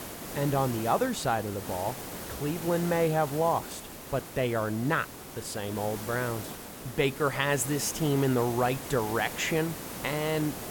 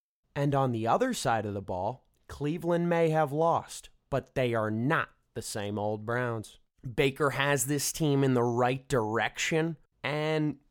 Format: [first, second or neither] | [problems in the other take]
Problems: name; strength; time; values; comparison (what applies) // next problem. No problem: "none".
second | hiss; loud; throughout; 9 dB below the speech